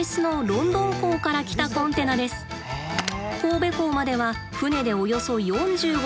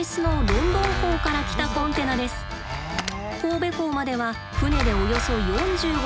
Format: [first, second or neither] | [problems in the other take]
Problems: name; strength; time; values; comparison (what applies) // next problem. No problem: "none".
first | background sound (Clapping); 1 dB below the speech